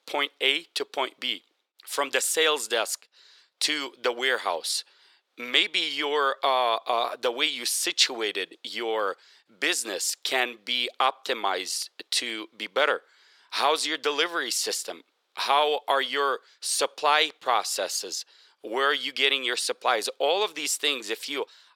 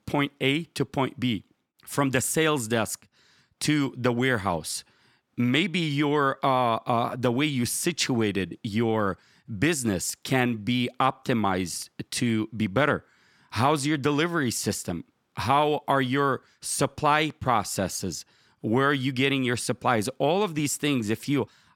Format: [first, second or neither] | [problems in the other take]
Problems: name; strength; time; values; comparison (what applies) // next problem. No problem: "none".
second | thin; very; fading below 450 Hz